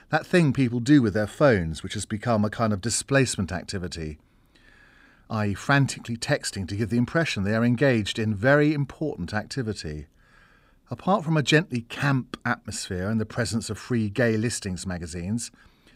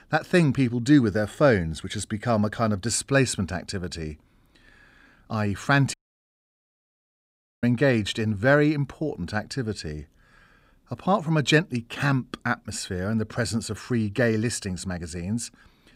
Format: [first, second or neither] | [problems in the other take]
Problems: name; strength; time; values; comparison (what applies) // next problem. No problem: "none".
first | audio cutting out; at 6 s for 1.5 s